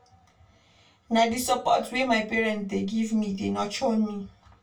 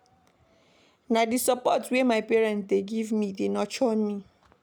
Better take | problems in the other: second | room echo; dies away in 0.2 s

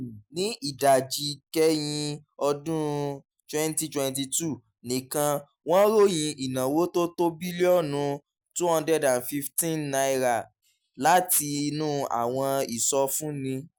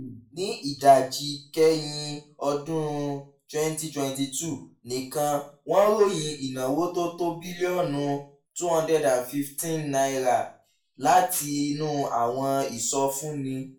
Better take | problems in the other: first | room echo; dies away in 0.3 s

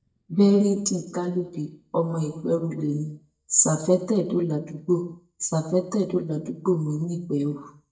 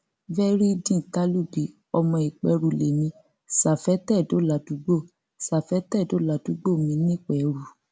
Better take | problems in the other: second | noise reduction (neural mask model DeepFilterNet 3)

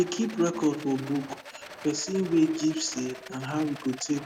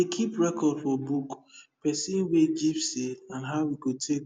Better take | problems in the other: second | background sound (Rattle); 16 dB below the speech

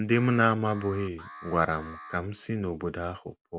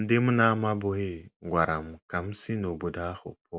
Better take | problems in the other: second | background sound (Alarm); 19 dB below the speech

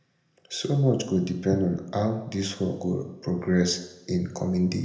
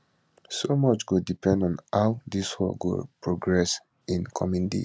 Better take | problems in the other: second | room echo; dies away in 0.7 s

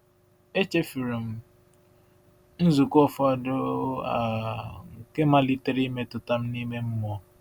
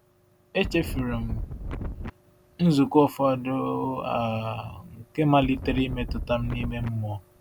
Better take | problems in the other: first | background sound (Wind); 6 dB below the speech

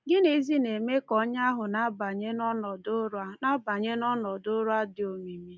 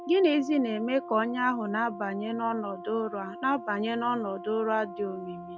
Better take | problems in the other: first | background sound (Brass instrument); 13 dB below the speech

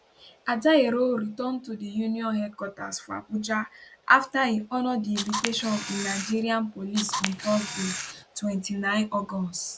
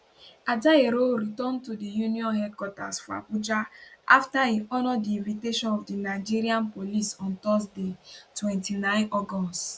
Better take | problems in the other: second | background sound (Camera); 6 dB below the speech

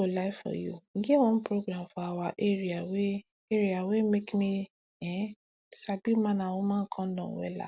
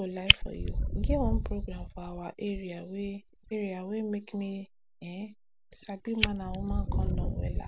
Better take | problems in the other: first | background sound (Fire); 4 dB above the speech

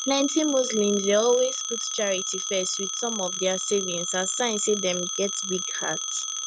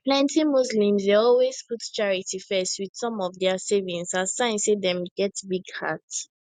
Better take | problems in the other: second | background sound (Telephone); 4 dB below the speech

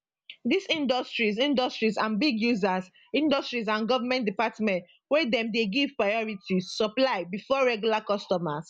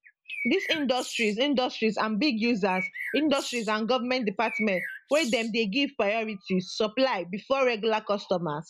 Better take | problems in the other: first | background sound (Bird); 11 dB below the speech

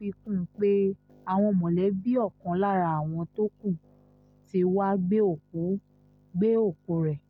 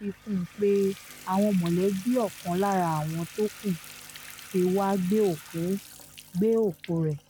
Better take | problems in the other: first | background sound (Bathtub (filling or washing) / Water tap, faucet); 18 dB below the speech

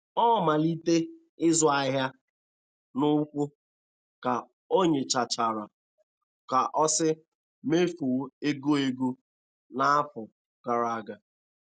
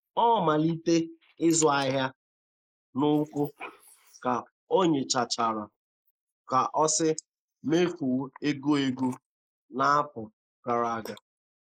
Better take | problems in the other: first | noise reduction (neural mask model Resemble Enhance denoiser)

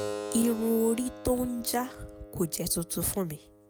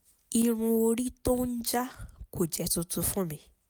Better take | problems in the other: second | background sound (Keyboard (musical)); 11 dB below the speech

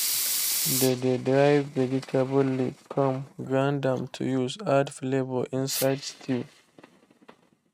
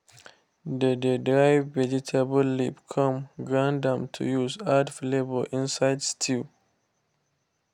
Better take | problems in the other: second | noise reduction (neural mask model RNNoise)

